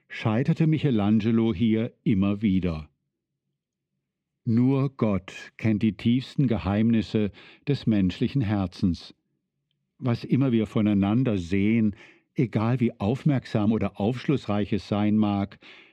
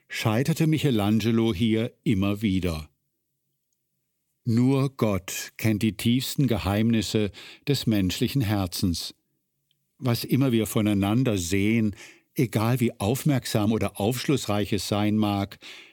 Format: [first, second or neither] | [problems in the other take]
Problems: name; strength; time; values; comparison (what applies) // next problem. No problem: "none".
second | muffled; slightly; fading above 3 kHz